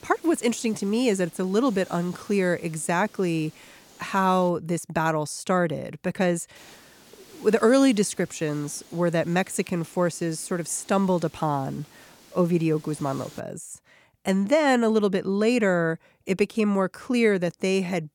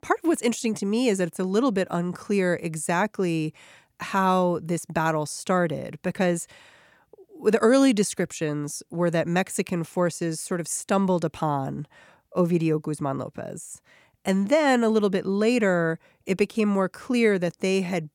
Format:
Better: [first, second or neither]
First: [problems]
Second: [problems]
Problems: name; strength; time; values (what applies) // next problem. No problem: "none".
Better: second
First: hiss; faint; until 4.5 s and from 6.5 to 13 s; 25 dB below the speech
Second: none